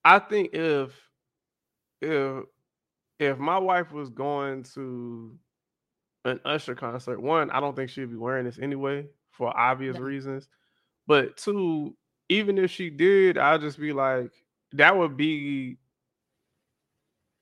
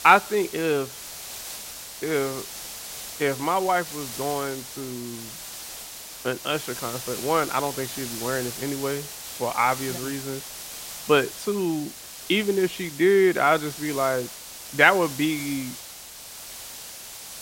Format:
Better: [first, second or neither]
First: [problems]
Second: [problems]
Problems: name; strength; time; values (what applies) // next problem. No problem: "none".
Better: first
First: none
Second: hiss; noticeable; throughout; 10 dB below the speech